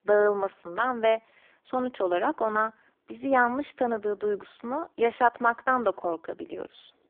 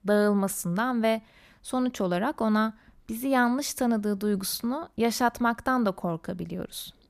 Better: second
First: phone-call audio; poor line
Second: none

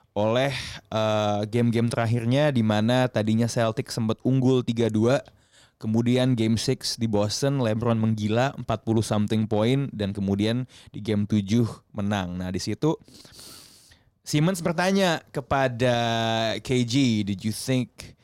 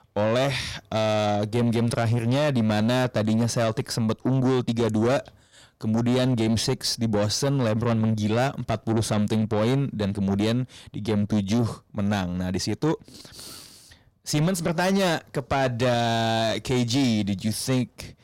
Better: first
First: none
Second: distortion; slight; 10 dB below the speech

